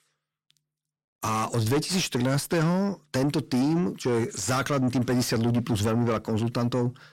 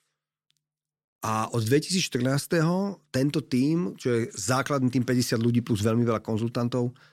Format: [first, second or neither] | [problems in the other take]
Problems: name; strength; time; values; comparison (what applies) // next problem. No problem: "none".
second | distortion; slight; 10 dB below the speech